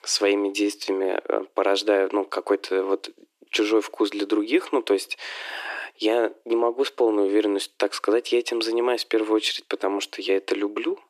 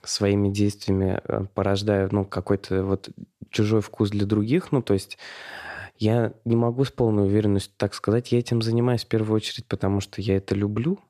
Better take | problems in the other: second | thin; very; fading below 300 Hz

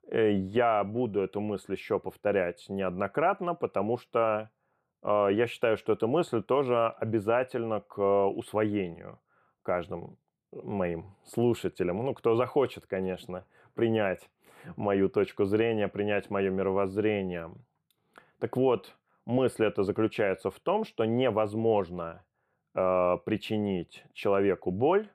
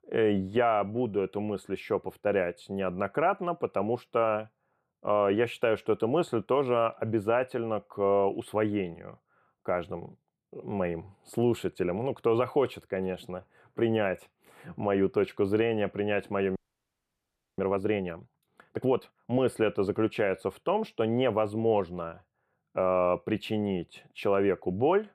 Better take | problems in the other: first | audio freezing; at 17 s for 1 s

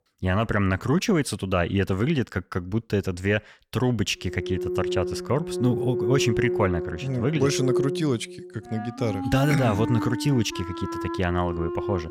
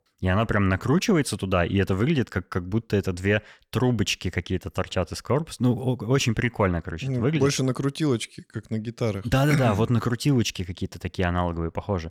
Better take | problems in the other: second | background music; loud; from 4.5 s on; 4 dB below the speech

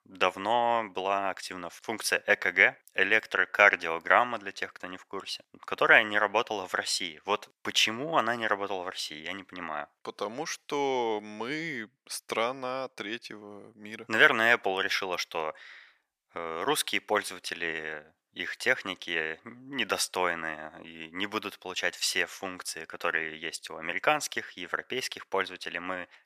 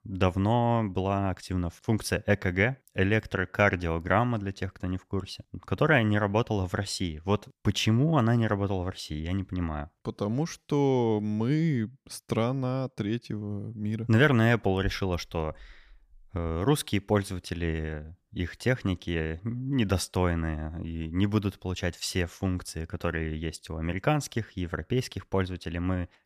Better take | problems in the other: second | thin; very; fading below 600 Hz

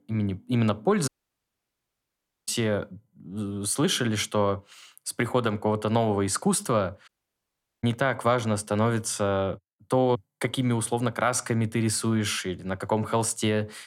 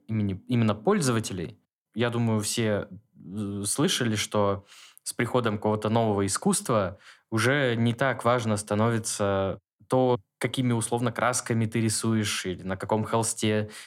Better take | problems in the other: second | audio cutting out; at 1 s for 1.5 s and at 7 s for 1 s

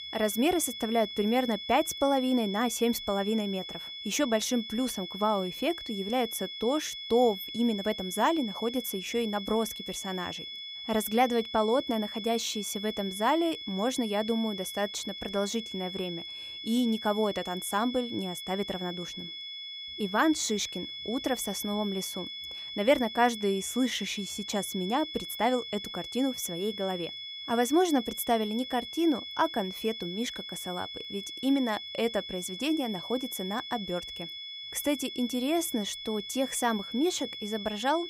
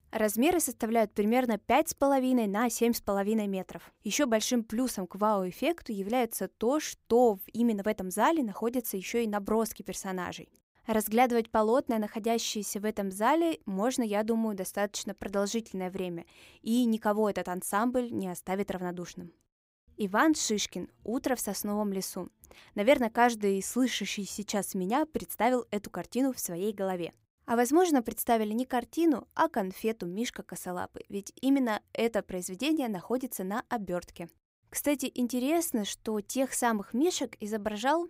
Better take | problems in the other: second | high-pitched whine; loud; throughout; 3.5 kHz, 8 dB below the speech

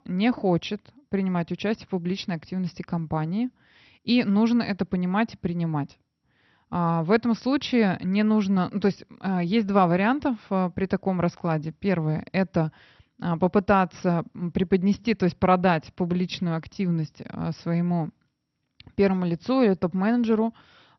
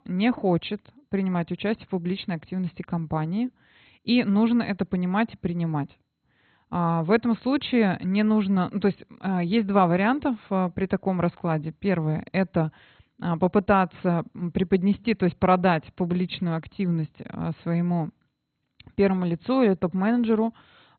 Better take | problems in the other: first | garbled, watery; badly; nothing above 4 kHz; slightly in the first

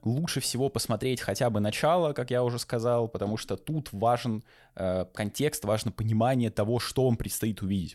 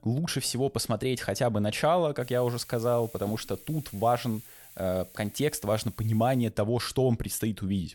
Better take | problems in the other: first | hiss; noticeable; from 2 to 6.5 s; 20 dB below the speech

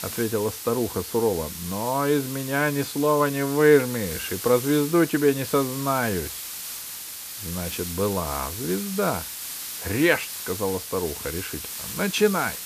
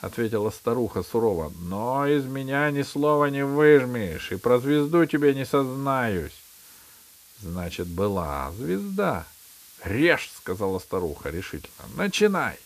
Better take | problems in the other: second | hiss; loud; throughout; 8 dB below the speech; faint in the second

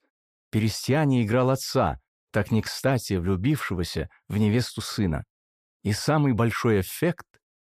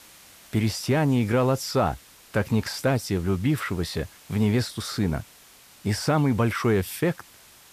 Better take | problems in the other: first | hiss; faint; throughout; 25 dB below the speech

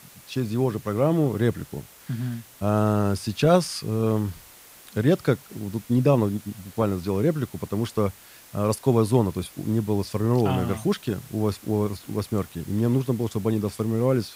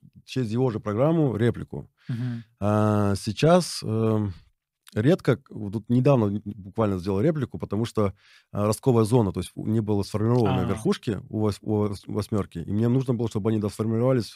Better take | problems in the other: second | hiss; faint; throughout; 20 dB below the speech

